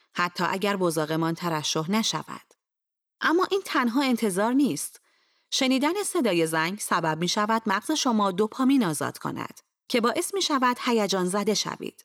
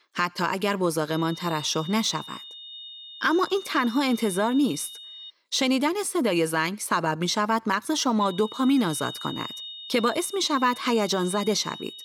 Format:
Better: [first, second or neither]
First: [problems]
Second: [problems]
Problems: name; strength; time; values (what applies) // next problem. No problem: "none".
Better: first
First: none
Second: high-pitched whine; noticeable; from 1 to 5.5 s and from 8 s on; 3.5 kHz, 15 dB below the speech